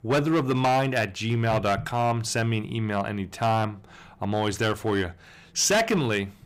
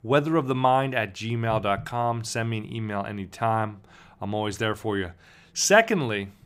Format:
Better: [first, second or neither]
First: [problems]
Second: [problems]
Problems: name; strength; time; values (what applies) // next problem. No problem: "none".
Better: second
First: distortion; heavy; 9% of the sound clipped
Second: none